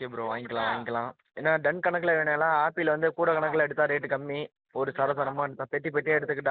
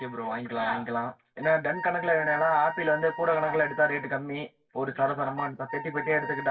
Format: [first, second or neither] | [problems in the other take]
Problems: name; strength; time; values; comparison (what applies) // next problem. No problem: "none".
first | background sound (Wind instrument, woodwind instrument); 13 dB below the speech // room echo; dies away in 0.2 s